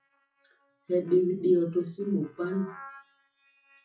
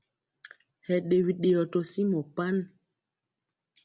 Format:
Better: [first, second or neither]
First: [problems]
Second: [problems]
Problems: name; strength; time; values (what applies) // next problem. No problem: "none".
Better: second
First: noise reduction (classical method WPE with log-MMSE)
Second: none